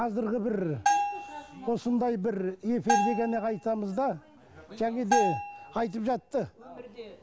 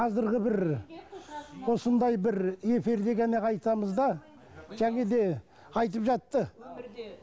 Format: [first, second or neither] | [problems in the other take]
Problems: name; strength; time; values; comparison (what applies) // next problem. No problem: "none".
second | background sound (Bell); 2 dB below the speech